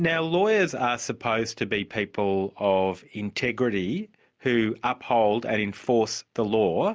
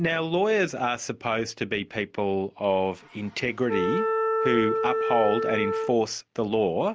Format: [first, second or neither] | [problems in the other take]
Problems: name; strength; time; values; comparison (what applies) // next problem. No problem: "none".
first | background sound (Wind instrument, woodwind instrument); 1 dB below the speech